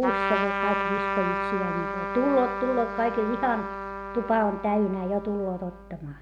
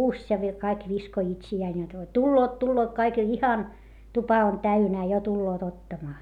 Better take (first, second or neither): second